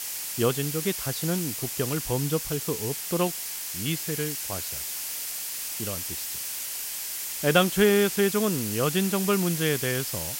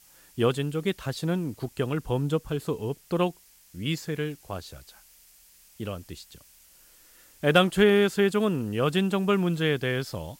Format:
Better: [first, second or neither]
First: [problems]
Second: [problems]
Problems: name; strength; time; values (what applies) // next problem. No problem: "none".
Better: second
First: hiss; loud; throughout; 3 dB below the speech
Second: hiss; faint; throughout; 25 dB below the speech